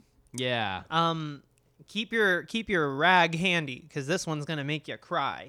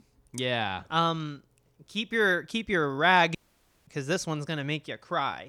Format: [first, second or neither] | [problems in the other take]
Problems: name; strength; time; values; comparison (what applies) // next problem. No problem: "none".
first | audio cutting out; at 3.5 s for 0.5 s